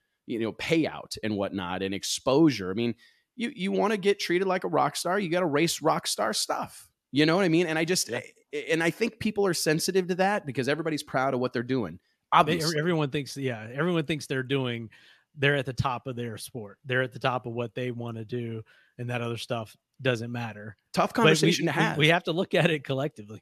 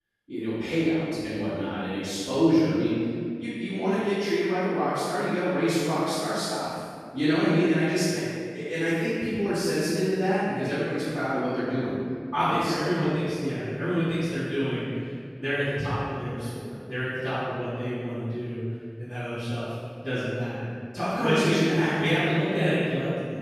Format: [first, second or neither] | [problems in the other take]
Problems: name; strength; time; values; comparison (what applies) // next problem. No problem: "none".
first | off-mic speech; far // room echo; strong; dies away in 2.1 s